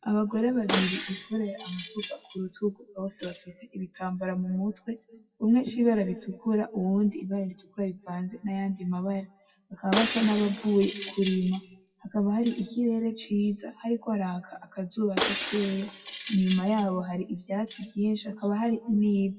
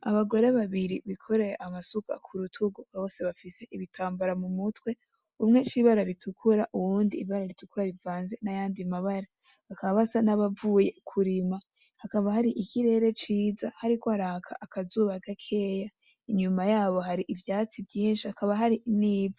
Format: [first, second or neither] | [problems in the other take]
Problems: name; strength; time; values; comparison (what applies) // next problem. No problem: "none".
second | noise reduction (classical method WPE with log-MMSE)